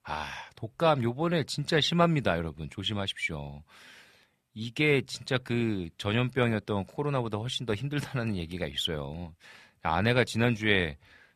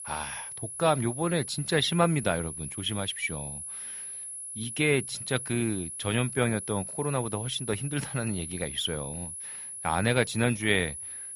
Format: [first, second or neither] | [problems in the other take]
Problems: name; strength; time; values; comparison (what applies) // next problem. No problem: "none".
first | high-pitched whine; loud; throughout; 10.5 kHz, 7 dB below the speech